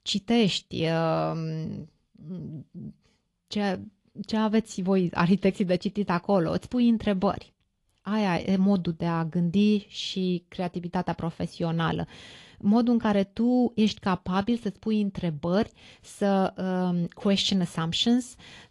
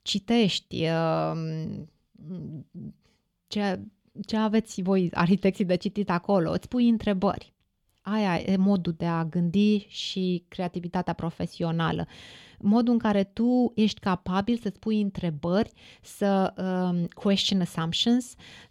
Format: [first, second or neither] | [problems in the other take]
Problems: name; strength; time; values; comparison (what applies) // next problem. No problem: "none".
second | garbled, watery; slightly; nothing above 11 kHz